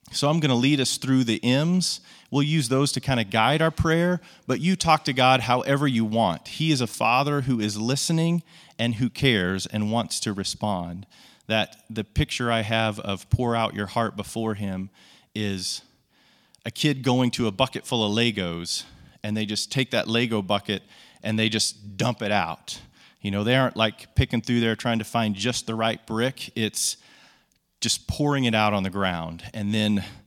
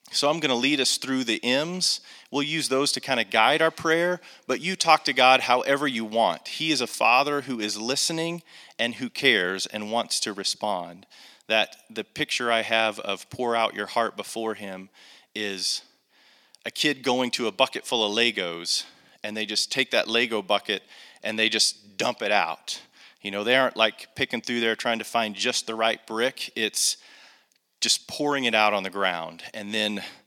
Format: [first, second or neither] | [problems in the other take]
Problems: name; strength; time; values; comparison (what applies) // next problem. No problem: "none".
first | thin; somewhat; fading below 400 Hz